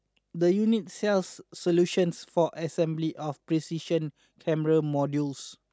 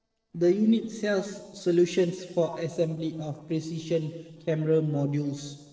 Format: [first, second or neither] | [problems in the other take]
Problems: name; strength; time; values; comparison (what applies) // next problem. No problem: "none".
first | noise reduction (neural separator model SepFormer DNS4)